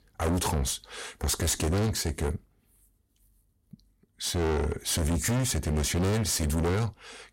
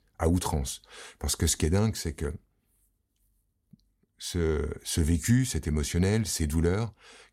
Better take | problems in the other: second | distortion; heavy; 24% of the sound clipped

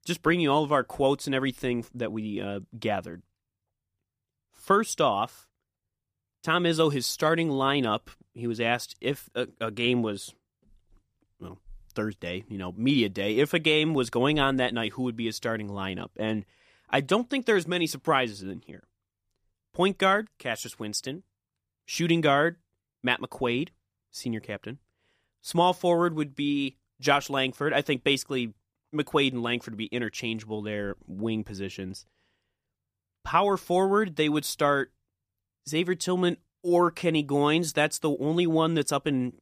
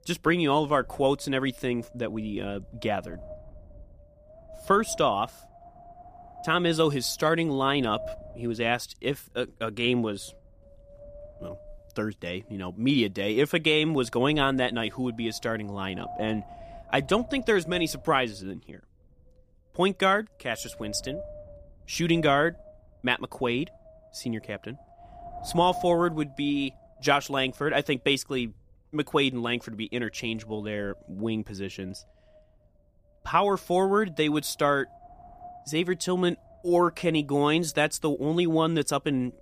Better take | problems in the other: first | wind noise on the microphone; occasional gusts; 20 dB below the speech

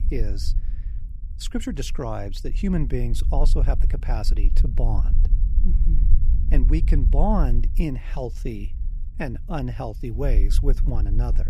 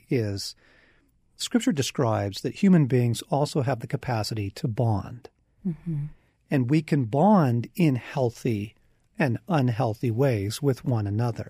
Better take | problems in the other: second | low rumble; noticeable; throughout; 15 dB below the speech

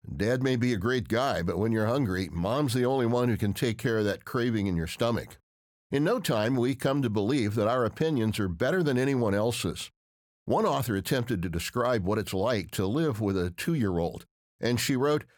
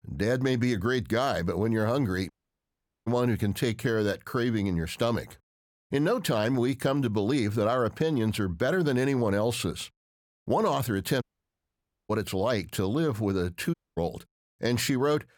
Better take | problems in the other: first | audio cutting out; at 2.5 s for 1 s, at 11 s for 1 s and at 14 s

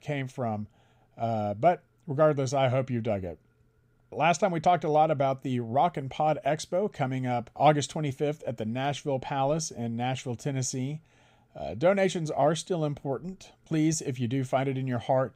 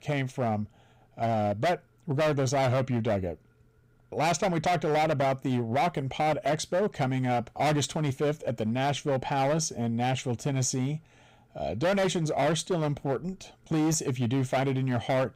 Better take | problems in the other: first | distortion; heavy; 15% of the sound clipped

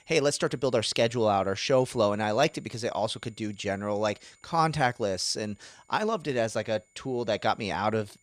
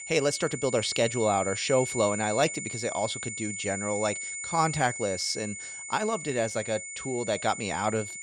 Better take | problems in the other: first | high-pitched whine; loud; throughout; 7 kHz, 6 dB below the speech; faint in the first

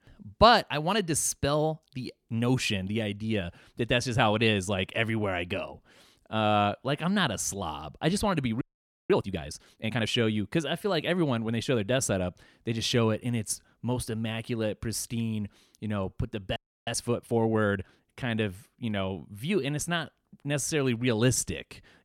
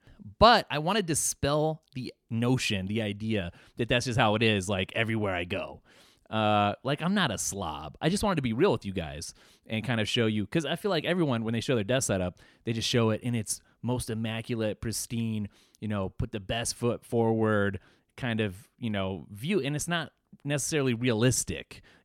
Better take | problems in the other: second | audio freezing; at 8.5 s and at 17 s

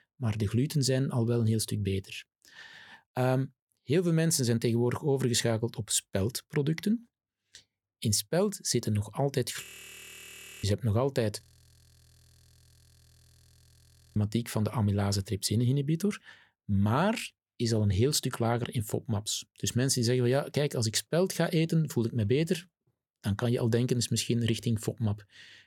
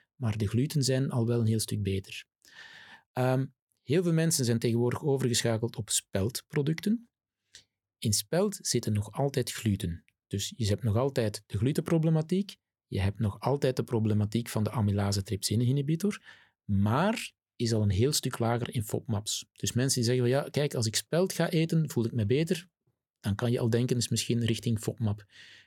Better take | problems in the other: second | audio freezing; at 9.5 s for 1 s and at 11 s for 3 s

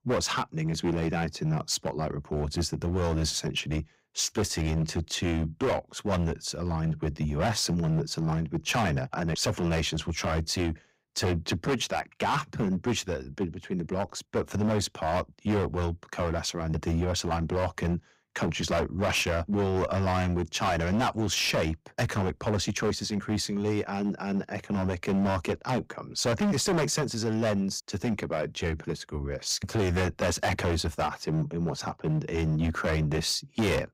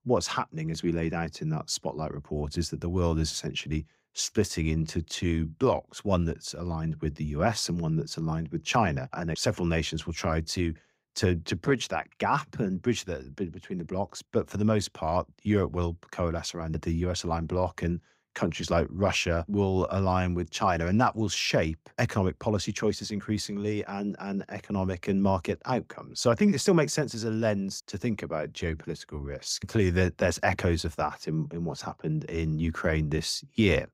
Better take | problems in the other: second | distortion; heavy; 13% of the sound clipped

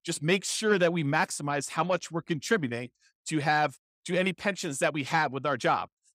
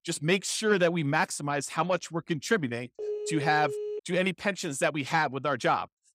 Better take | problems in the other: first | phone ringing; noticeable; from 3 to 4 s; peak 6 dB below the speech

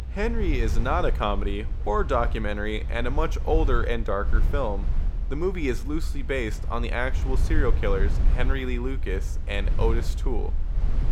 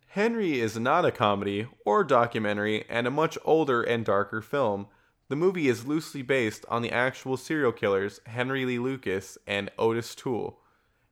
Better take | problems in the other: second | low rumble; noticeable; throughout; 15 dB below the speech

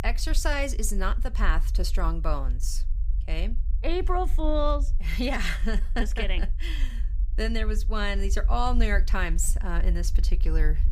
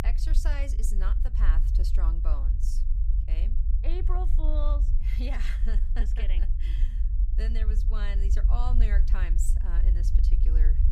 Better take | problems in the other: first | low rumble; loud; throughout; 7 dB below the speech; faint in the first

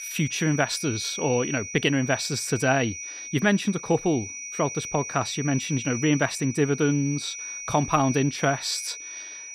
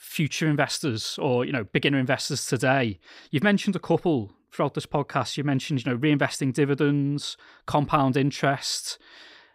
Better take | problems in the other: second | high-pitched whine; loud; throughout; 6 kHz, 9 dB below the speech

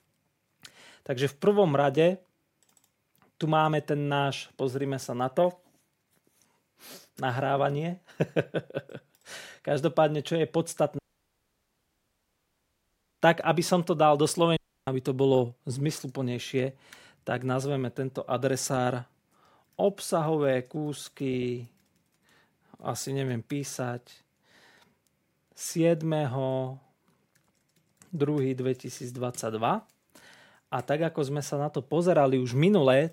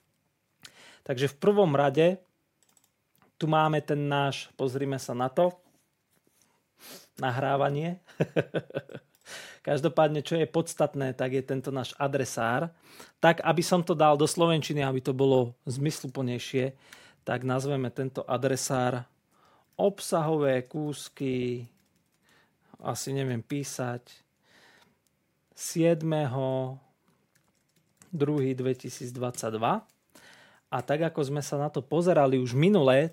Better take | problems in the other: second | audio cutting out; at 11 s for 2 s and at 15 s

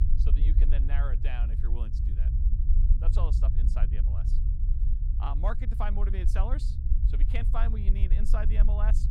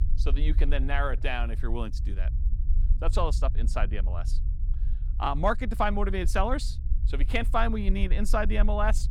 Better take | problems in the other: second | low rumble; loud; throughout; 7 dB below the speech; faint in the second

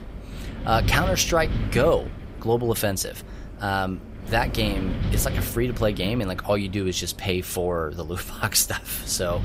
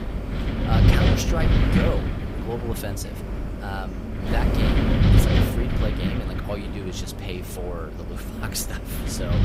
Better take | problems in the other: first | wind noise on the microphone; heavy; 2 dB above the speech; occasional gusts in the first

